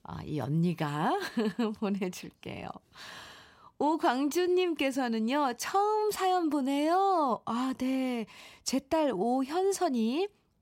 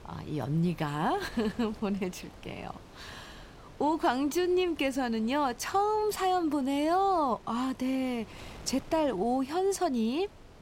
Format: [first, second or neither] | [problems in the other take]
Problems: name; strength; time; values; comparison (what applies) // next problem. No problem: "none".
first | wind noise on the microphone; occasional gusts; 25 dB below the speech